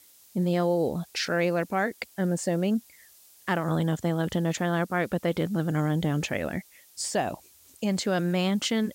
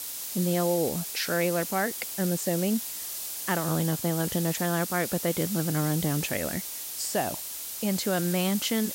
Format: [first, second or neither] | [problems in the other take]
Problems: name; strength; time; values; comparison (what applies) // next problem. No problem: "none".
first | hiss; loud; throughout; 4 dB below the speech; faint in the first